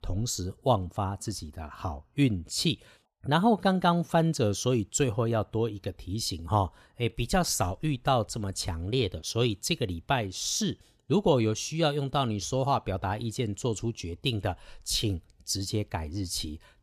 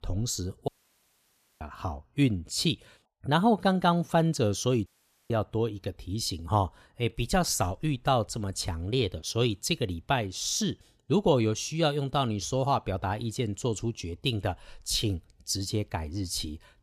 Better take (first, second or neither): first